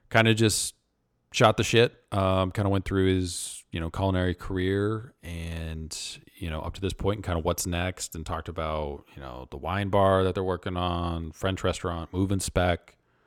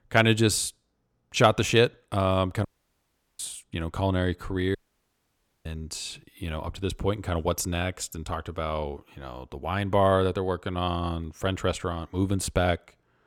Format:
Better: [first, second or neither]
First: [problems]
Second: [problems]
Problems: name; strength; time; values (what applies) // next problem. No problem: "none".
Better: first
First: none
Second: audio cutting out; at 2.5 s for 0.5 s and at 5 s for 1 s